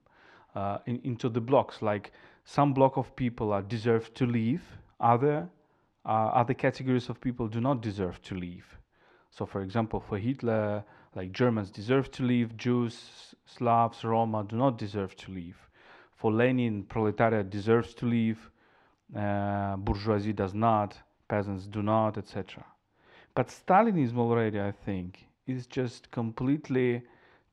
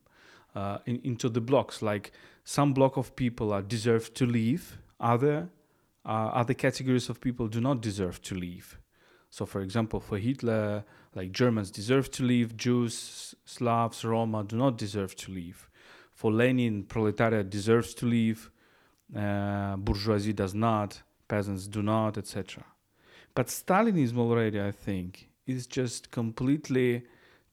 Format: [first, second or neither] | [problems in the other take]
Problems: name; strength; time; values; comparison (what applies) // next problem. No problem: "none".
second | muffled; slightly; fading above 3.5 kHz